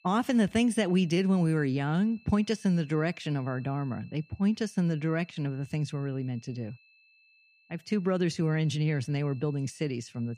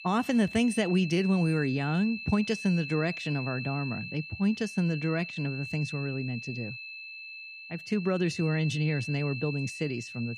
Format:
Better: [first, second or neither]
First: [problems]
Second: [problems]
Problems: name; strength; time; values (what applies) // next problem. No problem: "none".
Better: first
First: high-pitched whine; faint; throughout; 2.5 kHz, 30 dB below the speech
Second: high-pitched whine; loud; throughout; 2.5 kHz, 9 dB below the speech